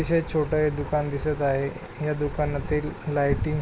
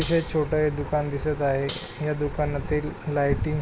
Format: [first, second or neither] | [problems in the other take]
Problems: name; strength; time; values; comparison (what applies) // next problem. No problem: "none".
first | background sound (Cutlery, silverware); 19 dB below the speech